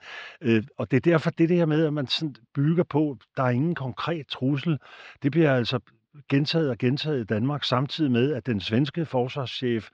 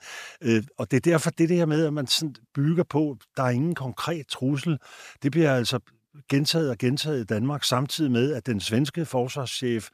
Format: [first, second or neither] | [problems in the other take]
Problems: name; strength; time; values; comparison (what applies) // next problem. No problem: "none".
second | muffled; very slightly; fading above 4 kHz